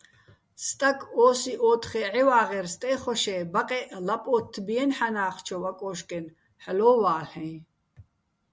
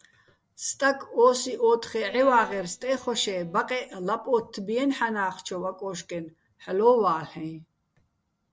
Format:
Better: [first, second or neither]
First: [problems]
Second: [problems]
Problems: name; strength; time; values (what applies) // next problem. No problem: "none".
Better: first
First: none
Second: noise reduction (neural separator model SepFormer DNS4)